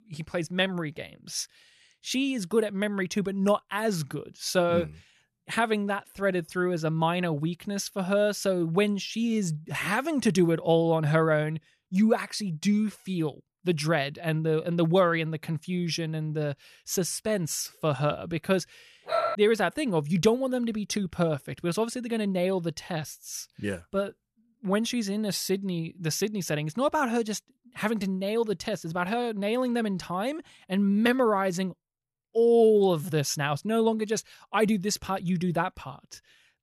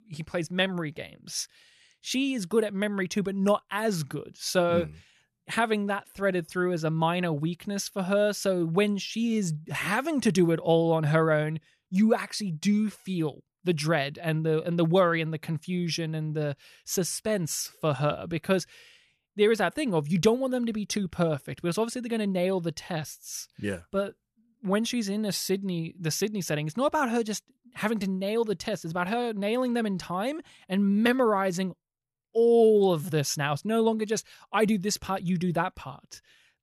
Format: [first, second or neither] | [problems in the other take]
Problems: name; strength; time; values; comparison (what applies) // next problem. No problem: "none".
second | dog barking; noticeable; at 19 s; peak 1 dB below the speech